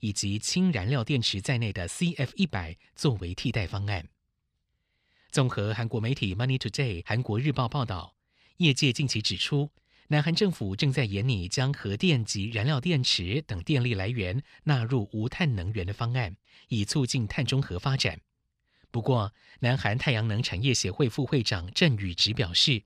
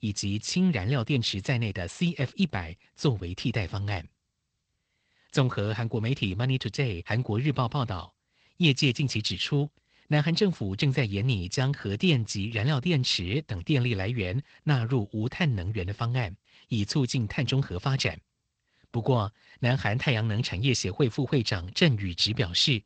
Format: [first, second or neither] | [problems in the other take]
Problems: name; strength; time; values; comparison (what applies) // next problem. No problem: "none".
first | garbled, watery; slightly; nothing above 8 kHz